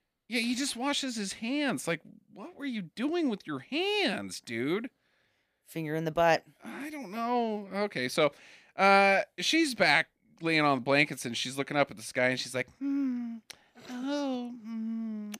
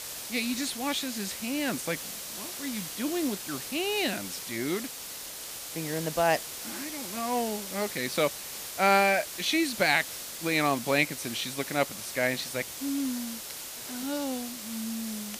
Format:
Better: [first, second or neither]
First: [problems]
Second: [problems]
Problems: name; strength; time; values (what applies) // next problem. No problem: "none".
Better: first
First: none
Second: hiss; loud; throughout; 7 dB below the speech